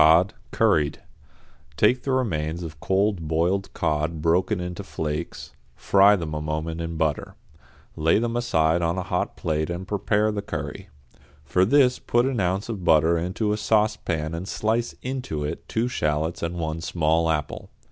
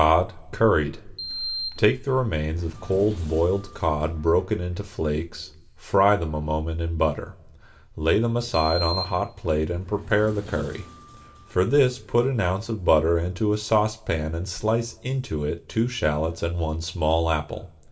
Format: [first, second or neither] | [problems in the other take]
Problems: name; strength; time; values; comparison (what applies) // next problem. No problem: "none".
first | background sound (Sliding door); 14 dB below the speech // room echo; dies away in 0.5 s